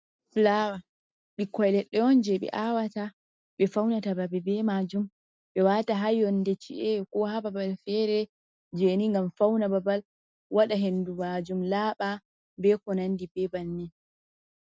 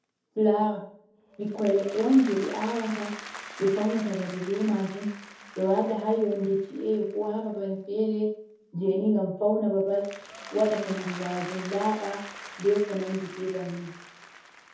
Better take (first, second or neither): first